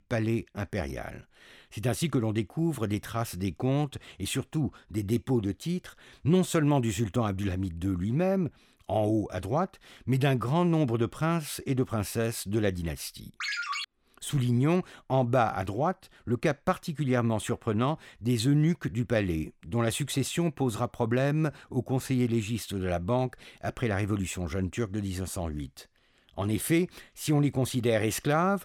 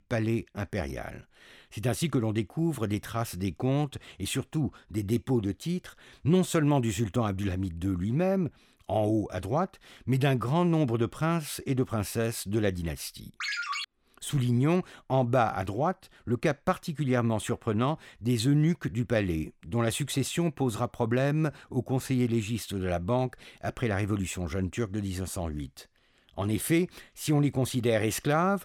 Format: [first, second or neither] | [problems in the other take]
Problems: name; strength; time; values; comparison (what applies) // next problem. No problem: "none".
neither | phone ringing; noticeable; at 13 s; peak 2 dB below the speech; the same in both